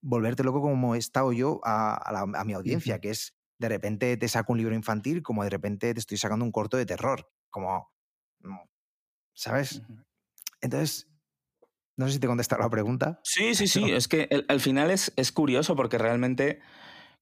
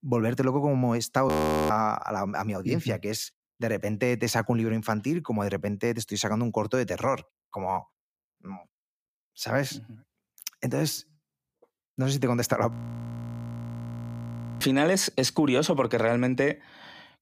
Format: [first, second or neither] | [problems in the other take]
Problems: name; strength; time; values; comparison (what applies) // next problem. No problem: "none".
first | audio freezing; at 1.5 s and at 13 s for 2 s